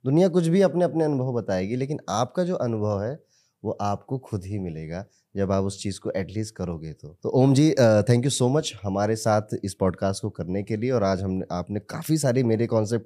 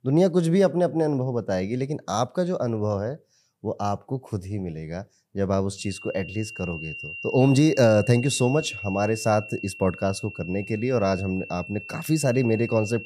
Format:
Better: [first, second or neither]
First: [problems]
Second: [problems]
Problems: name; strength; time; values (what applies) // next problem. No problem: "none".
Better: first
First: none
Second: high-pitched whine; noticeable; from 6 s on; 3 kHz, 10 dB below the speech